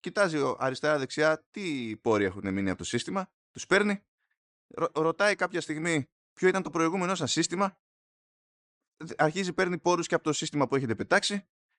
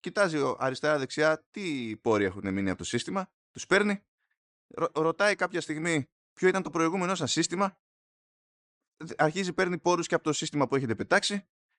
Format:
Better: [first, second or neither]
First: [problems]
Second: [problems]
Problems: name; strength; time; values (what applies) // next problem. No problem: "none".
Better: neither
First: none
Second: none